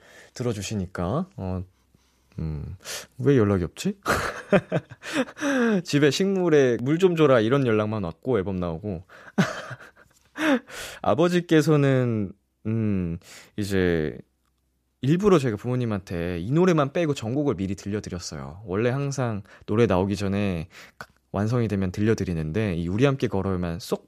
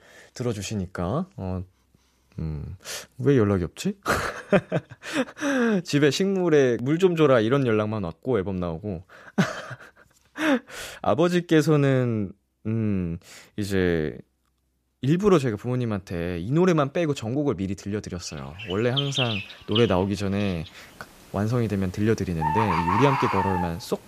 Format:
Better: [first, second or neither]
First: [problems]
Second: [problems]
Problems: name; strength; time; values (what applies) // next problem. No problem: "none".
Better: first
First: none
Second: animal sounds; loud; from 18 s on; 3 dB below the speech